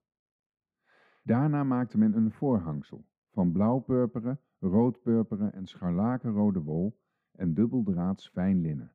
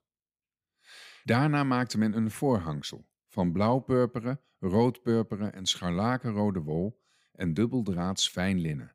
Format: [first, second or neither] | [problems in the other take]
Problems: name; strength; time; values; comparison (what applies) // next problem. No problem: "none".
second | muffled; very; fading above 2.5 kHz